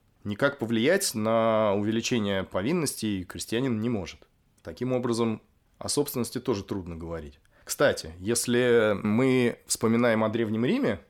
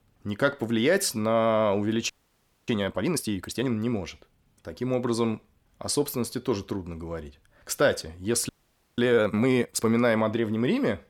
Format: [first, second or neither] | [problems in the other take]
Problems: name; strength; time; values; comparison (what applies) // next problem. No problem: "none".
first | audio freezing; at 2 s for 0.5 s and at 8.5 s